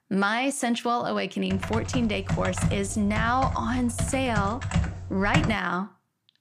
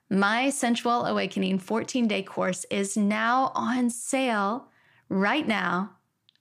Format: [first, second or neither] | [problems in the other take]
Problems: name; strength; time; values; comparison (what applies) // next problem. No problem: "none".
second | keyboard typing; loud; from 1.5 to 5.5 s; peak level with the speech